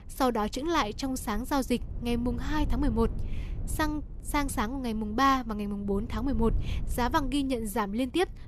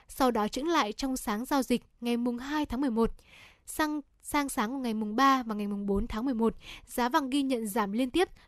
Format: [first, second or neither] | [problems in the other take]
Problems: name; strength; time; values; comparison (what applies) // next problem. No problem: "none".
second | low rumble; faint; throughout; 20 dB below the speech